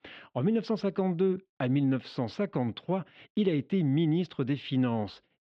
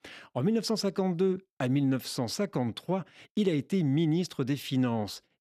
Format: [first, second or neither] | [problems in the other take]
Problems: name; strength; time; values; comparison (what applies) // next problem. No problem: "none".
second | muffled; slightly; fading above 3.5 kHz